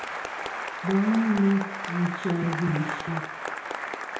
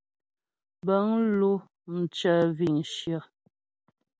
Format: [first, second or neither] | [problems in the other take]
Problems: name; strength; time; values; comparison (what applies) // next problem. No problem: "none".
second | background sound (Applause); 6 dB below the speech // room echo; dies away in 0.5 s